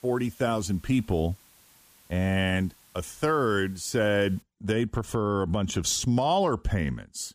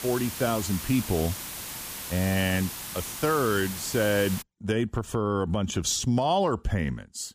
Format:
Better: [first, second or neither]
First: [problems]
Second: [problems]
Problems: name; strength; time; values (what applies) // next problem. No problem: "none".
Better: first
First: hiss; faint; until 4.5 s; 30 dB below the speech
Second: hiss; loud; until 4.5 s; 7 dB below the speech